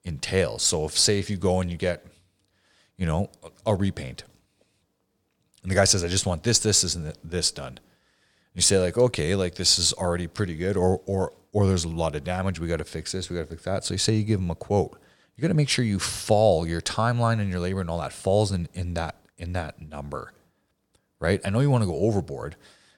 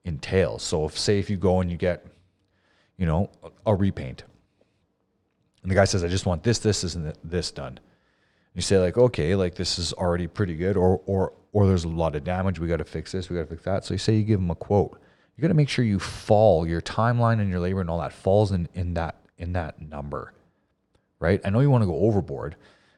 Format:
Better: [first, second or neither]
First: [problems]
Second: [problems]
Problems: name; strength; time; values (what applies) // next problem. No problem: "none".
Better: first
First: none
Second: muffled; slightly; fading above 2 kHz